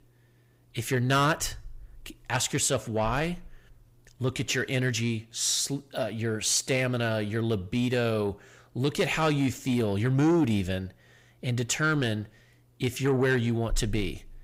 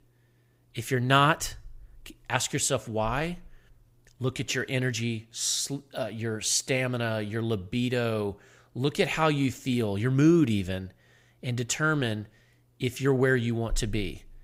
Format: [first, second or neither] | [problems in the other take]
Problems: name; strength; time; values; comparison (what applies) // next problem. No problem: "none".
second | distortion; slight; 10 dB below the speech